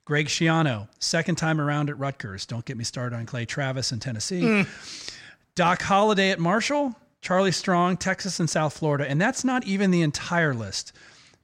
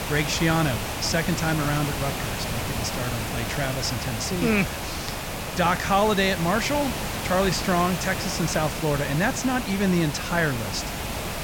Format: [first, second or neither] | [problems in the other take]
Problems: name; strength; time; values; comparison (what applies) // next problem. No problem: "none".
first | hiss; loud; throughout; 4 dB below the speech